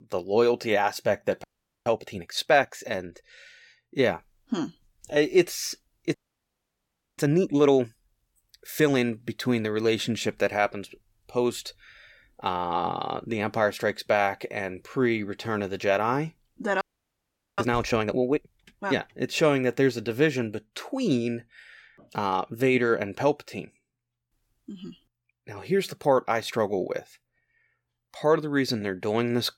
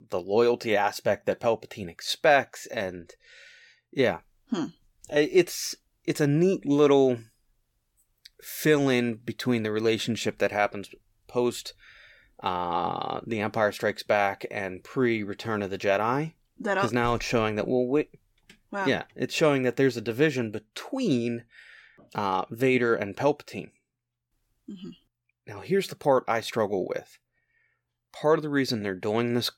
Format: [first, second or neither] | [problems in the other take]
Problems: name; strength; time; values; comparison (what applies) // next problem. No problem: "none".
second | audio freezing; at 1.5 s, at 6 s for 1 s and at 17 s for 1 s